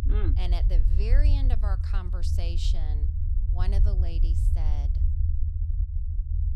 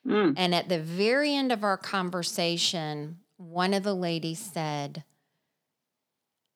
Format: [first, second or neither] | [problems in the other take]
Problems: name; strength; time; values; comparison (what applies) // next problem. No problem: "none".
second | low rumble; loud; throughout; 4 dB below the speech